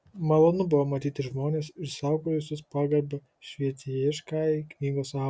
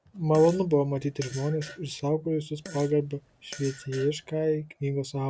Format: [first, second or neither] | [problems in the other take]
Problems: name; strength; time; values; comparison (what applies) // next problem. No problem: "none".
first | background sound (Fart); 18 dB below the speech